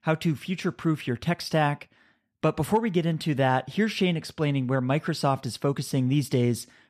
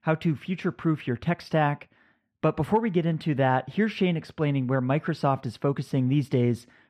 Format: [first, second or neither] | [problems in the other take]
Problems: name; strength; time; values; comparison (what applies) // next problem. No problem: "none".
first | muffled; slightly; fading above 4 kHz